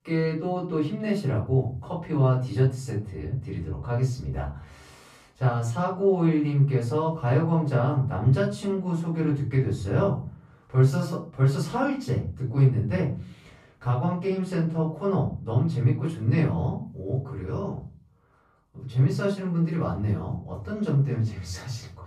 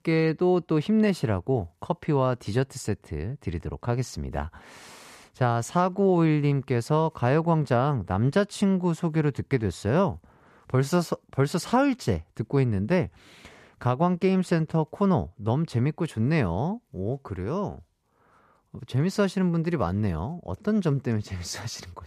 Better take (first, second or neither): second